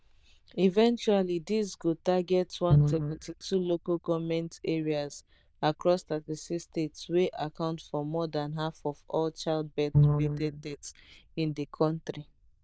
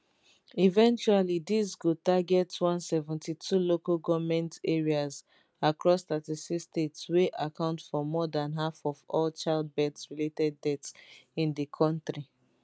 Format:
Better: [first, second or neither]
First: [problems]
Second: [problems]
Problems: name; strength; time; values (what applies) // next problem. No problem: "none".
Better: second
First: noise reduction (neural diffusion model UNIVERSE++)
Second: none